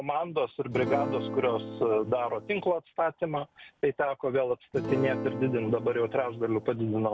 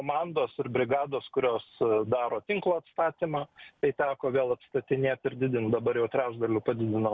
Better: second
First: background sound (Acoustic guitar / Strum); 7 dB below the speech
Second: none

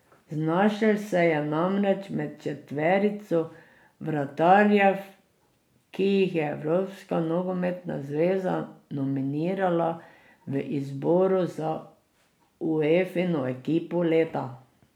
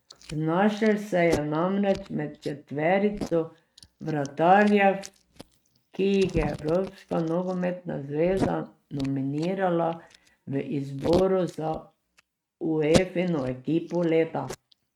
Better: first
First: none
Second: noise reduction (neural mask model RNNoise)

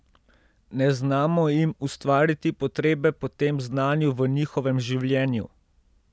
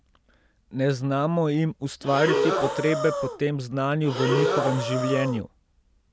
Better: first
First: none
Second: background sound (Breathing); 1 dB below the speech

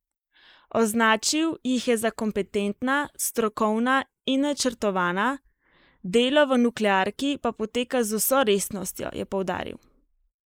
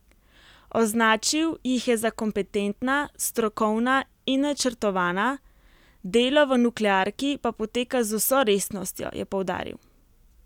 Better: second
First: noise reduction (neural mask model Resemble Enhance denoiser)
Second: none

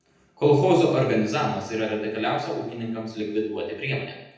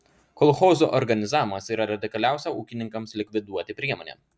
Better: second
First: room echo; dies away in 0.8 s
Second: none

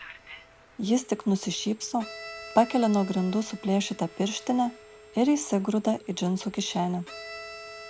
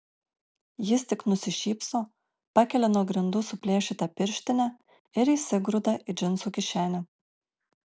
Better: second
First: background sound (Telephone + Bowed string instrument); 17 dB below the speech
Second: none

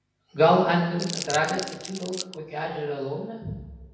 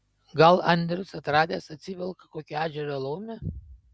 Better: second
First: background sound (Crumpling, crinkling); 11 dB below the speech // room echo; dies away in 0.9 s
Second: none

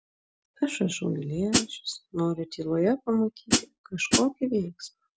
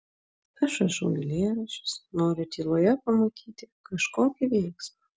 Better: second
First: background sound (Hi-hat); 3 dB above the speech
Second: none

